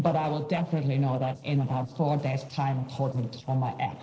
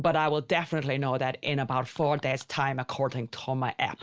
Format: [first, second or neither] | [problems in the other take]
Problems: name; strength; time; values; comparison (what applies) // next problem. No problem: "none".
second | noise reduction (neural separator model SepFormer DNS4)